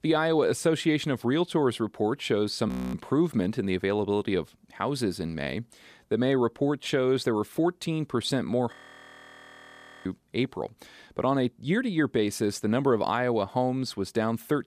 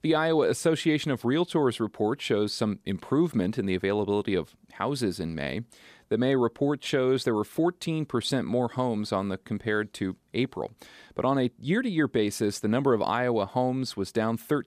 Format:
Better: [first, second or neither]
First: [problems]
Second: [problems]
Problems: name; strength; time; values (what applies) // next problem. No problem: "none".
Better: second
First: audio freezing; at 2.5 s and at 8.5 s for 1.5 s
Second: none